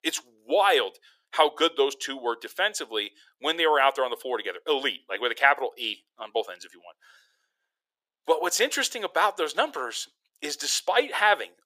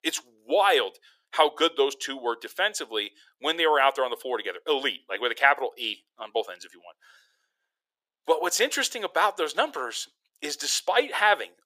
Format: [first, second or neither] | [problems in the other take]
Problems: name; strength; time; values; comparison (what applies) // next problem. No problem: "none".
neither | thin; very; fading below 500 Hz; the same in both